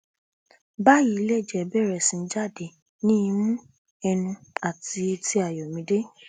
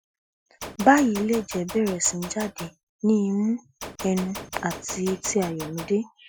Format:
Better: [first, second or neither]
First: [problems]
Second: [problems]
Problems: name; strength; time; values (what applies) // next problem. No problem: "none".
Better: first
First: none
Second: noise reduction (classical method Wiener filter)